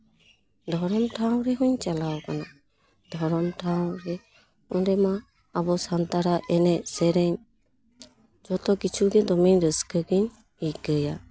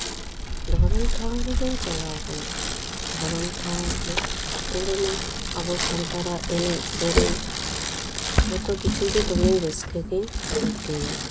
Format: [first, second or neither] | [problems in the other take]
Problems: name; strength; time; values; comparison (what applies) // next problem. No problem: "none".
first | background sound (Bicycle); 4 dB above the speech // room echo; dies away in 1.7 s